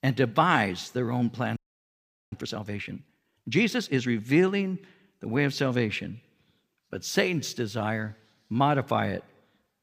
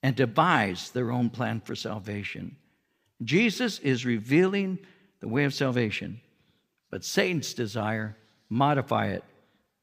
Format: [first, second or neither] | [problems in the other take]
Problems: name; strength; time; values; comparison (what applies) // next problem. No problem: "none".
second | audio freezing; at 1.5 s for 0.5 s